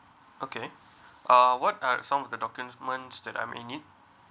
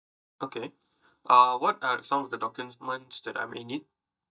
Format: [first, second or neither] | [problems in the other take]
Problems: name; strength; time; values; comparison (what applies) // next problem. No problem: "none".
first | noise reduction (neural mask model DeepFilterNet 3)